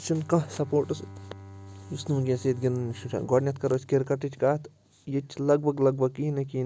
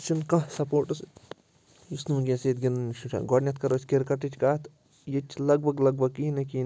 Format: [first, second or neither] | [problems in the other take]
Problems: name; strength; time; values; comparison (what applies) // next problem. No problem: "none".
second | background sound (Bowed string instrument); 20 dB below the speech